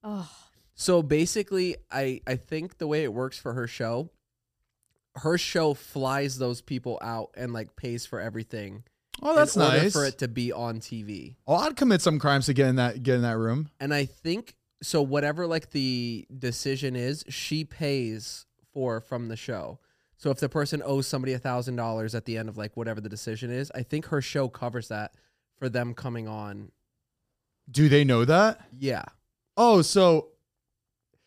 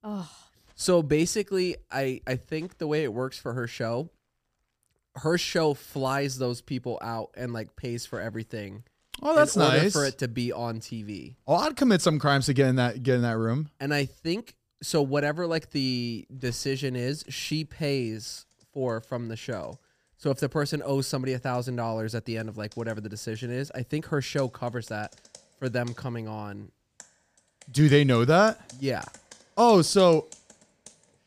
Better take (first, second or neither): first